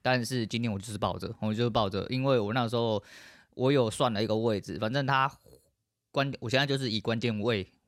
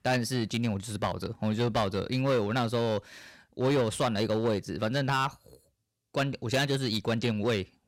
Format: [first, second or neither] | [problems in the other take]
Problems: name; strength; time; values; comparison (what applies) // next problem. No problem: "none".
first | distortion; slight; 7% of the sound clipped